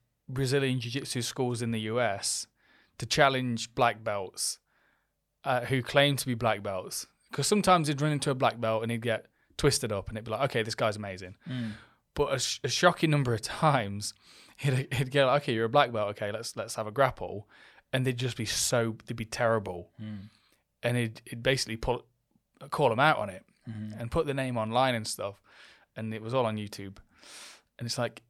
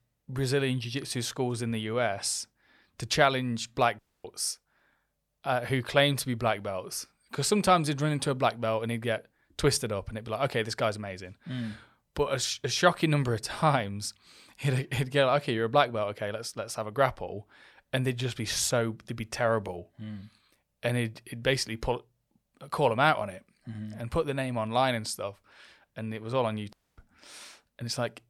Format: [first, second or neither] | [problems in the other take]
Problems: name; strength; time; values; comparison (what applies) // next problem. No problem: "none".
first | audio cutting out; at 4 s and at 27 s